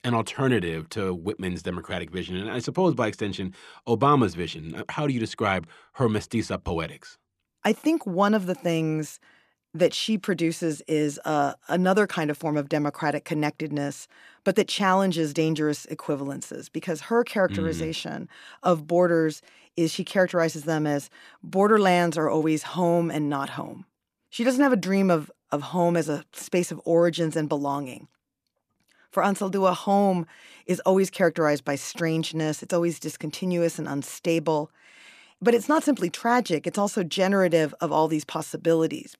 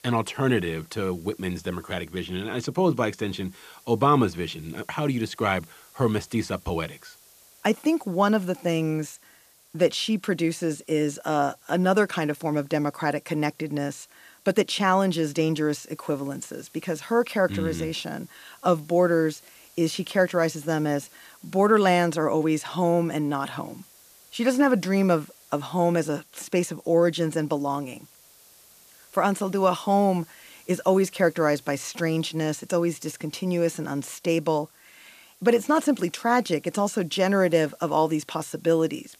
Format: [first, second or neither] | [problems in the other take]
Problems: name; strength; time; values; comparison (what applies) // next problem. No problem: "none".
first | hiss; faint; throughout; 25 dB below the speech